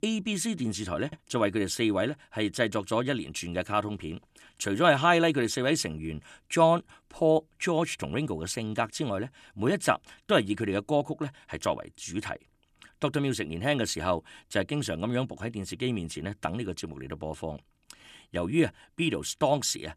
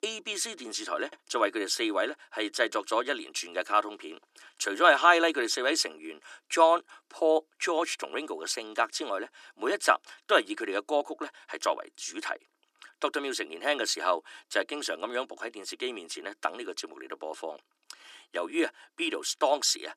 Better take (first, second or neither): first